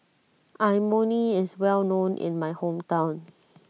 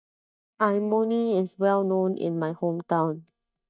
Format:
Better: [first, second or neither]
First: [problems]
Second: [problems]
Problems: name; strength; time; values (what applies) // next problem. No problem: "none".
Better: first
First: none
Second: noise reduction (neural mask model DeepFilterNet 3)